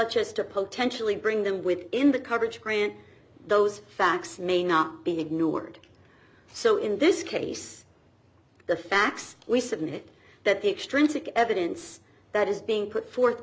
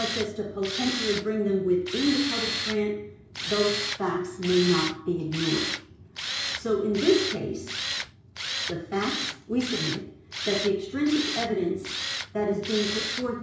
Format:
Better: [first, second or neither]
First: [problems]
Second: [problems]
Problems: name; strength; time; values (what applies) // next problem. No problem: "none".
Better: first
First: none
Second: background sound (Tools); 5 dB below the speech // room echo; dies away in 0.6 s